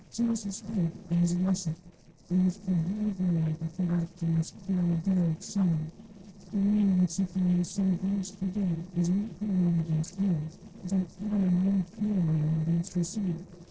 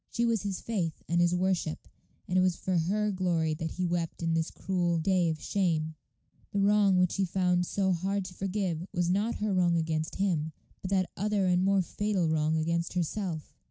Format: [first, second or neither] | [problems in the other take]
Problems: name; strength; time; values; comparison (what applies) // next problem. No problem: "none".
second | noise reduction (neural separator model SepFormer DNS4)